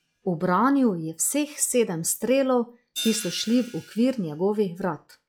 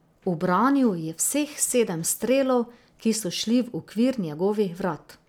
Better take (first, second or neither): second